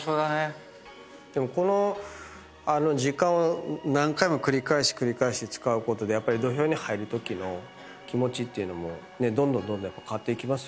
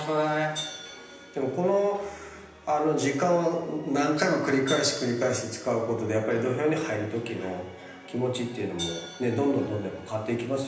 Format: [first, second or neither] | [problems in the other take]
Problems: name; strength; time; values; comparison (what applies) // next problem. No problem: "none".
first | background sound (Hi-hat); 18 dB below the speech // room echo; dies away in 0.9 s